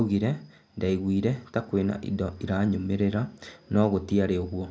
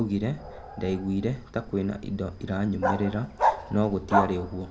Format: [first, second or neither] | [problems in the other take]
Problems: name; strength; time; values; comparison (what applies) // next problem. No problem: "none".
first | background sound (Bark); 3 dB below the speech